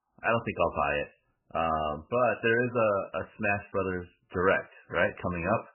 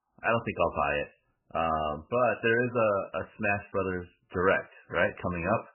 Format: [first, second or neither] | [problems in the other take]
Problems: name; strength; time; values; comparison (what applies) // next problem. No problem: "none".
neither | garbled, watery; badly; nothing above 3 kHz; the same in both